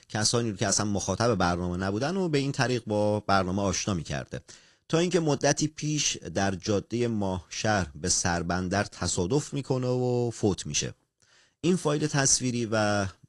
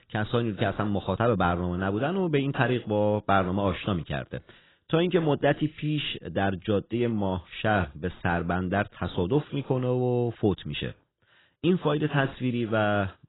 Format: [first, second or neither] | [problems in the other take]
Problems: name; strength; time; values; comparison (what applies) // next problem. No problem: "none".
first | garbled, watery; badly; nothing above 4 kHz; slightly in the first